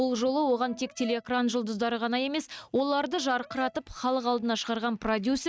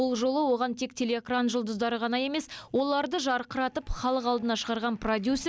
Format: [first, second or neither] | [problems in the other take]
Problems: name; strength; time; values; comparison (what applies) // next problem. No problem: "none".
second | noise reduction (neural mask model RNNoise)